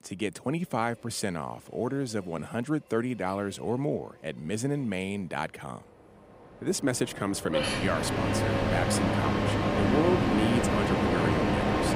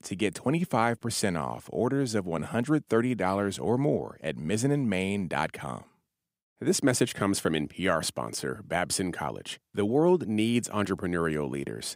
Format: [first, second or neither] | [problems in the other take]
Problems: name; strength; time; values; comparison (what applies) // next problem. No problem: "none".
second | train or aircraft noise; very loud; throughout; 4 dB above the speech